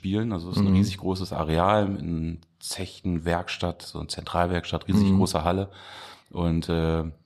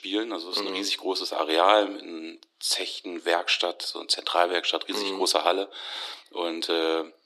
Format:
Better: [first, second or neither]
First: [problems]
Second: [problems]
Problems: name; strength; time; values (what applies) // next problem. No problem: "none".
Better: first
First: none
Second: thin; very; fading below 300 Hz